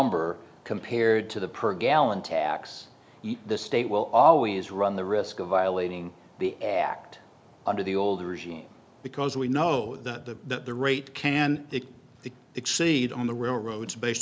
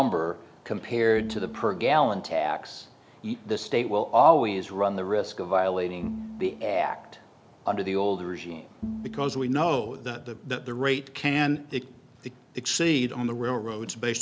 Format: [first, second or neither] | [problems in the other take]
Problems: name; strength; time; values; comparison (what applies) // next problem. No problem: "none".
first | background sound (Bowed string instrument); 14 dB below the speech